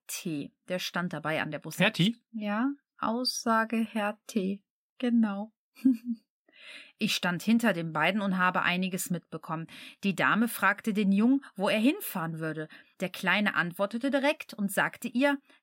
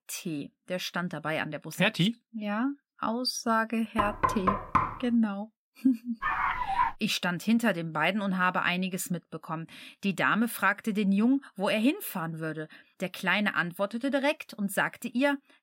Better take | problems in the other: first | door banging; loud; at 4 s; peak 2 dB above the speech // dog barking; loud; at 6 s; peak 1 dB above the speech

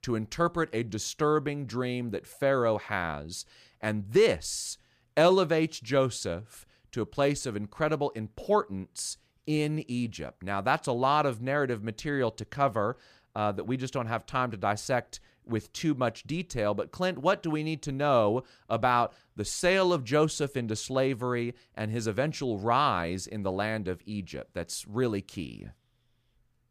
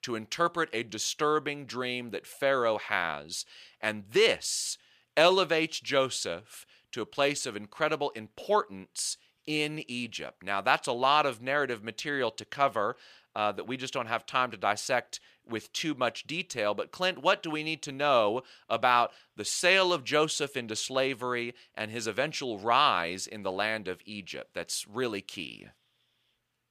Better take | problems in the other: first | thin; somewhat; fading below 1 kHz

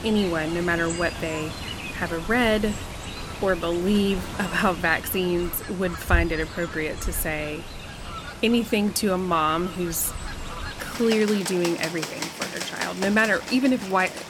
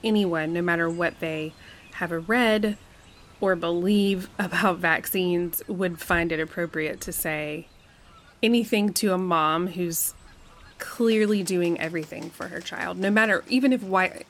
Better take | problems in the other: second | animal sounds; loud; throughout; 9 dB below the speech; faint in the second

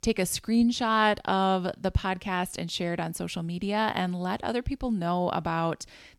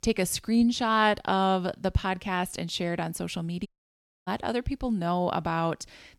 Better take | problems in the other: first | audio cutting out; at 3.5 s for 0.5 s

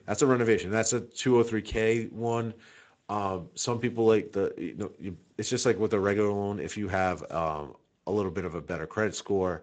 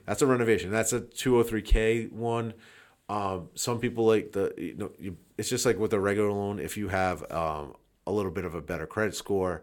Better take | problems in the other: second | garbled, watery; slightly; nothing above 7.5 kHz

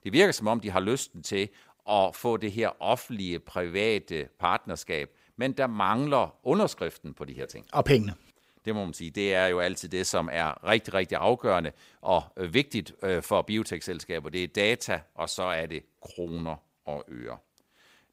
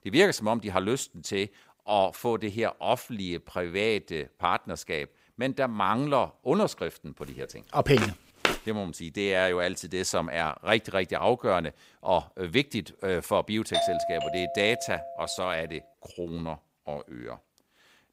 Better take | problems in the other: first | footsteps; loud; at 8 s; peak level with the speech // doorbell; loud; from 14 to 15 s; peak 2 dB above the speech

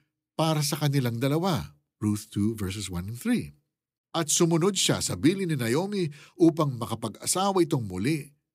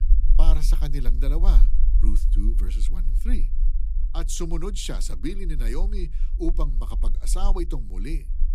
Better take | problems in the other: first | low rumble; noticeable; throughout; 15 dB below the speech

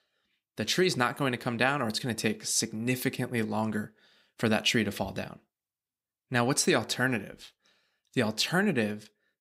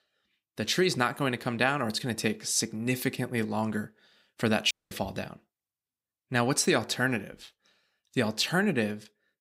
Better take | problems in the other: first | audio cutting out; at 4.5 s

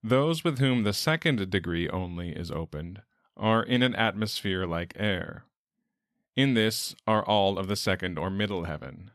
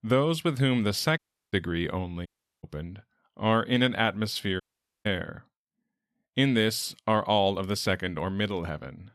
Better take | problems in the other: first | audio cutting out; at 1 s, at 2.5 s and at 4.5 s

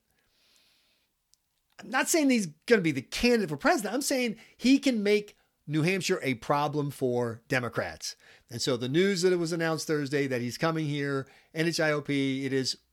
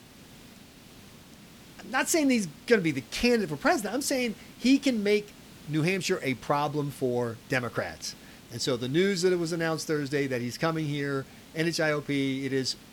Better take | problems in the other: first | hiss; faint; throughout; 20 dB below the speech

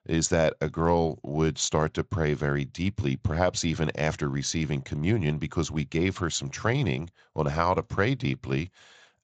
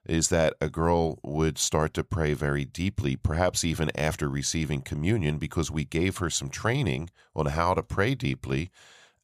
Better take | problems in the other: second | garbled, watery; slightly; nothing above 7.5 kHz

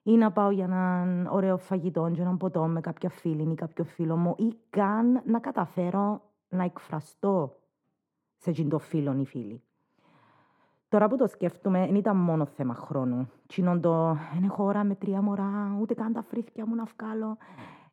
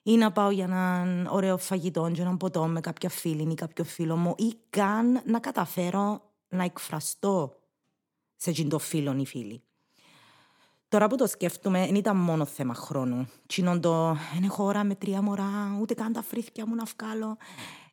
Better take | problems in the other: second | muffled; very; fading above 2.5 kHz

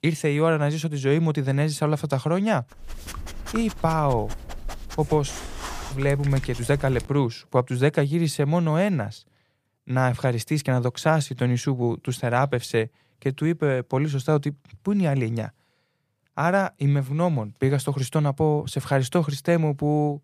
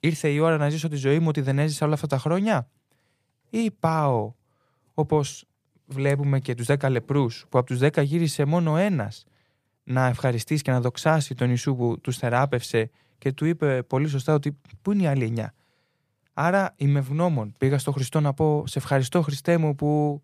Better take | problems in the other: second | dog barking; faint; from 3 to 7 s; peak 10 dB below the speech

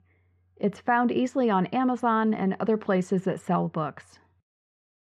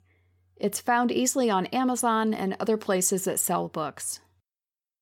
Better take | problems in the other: second | muffled; very; fading above 2 kHz

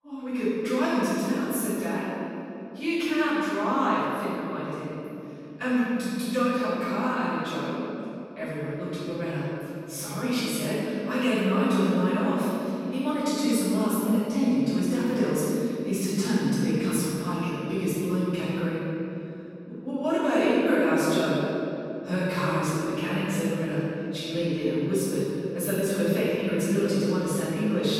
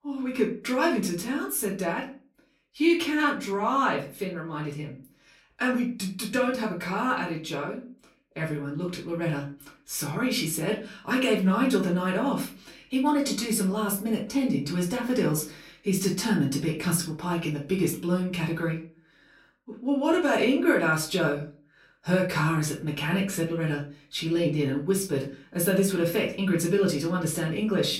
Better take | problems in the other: second | room echo; strong; dies away in 3 s; slight in the second // off-mic speech; far; far in the second

